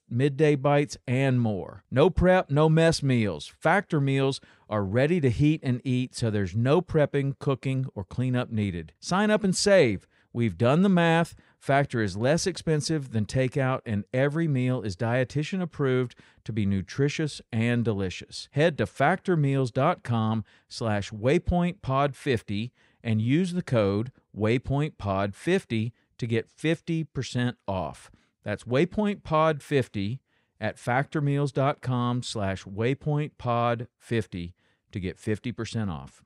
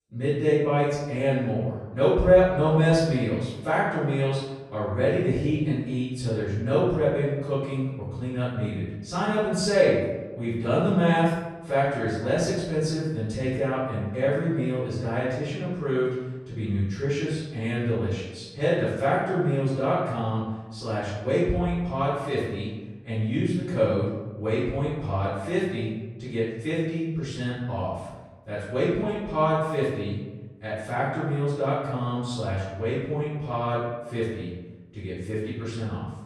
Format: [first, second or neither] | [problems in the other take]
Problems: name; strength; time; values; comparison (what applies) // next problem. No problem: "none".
first | off-mic speech; far // room echo; strong; dies away in 1 s